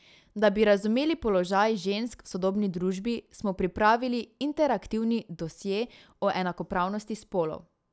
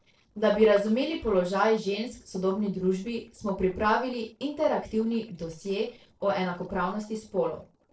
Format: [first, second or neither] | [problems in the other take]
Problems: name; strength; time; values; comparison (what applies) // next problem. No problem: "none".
first | noise reduction (neural separator model SepFormer DNS4)